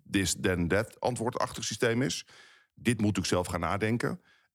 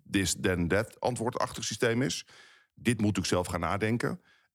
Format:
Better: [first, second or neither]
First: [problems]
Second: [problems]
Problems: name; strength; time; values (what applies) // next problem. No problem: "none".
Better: neither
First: none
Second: none